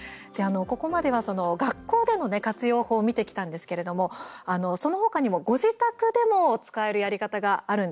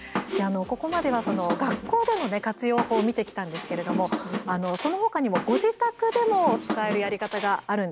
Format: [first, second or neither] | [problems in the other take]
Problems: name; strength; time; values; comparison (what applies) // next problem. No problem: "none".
first | background sound (Squeak); 6 dB below the speech